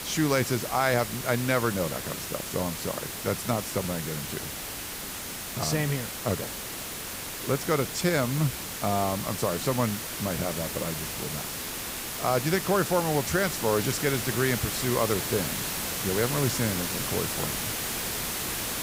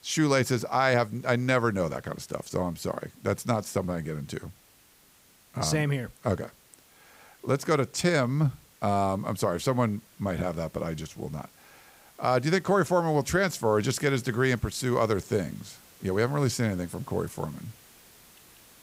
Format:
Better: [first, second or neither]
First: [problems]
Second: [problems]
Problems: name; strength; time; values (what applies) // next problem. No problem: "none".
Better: second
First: hiss; loud; throughout; 3 dB below the speech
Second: hiss; faint; throughout; 25 dB below the speech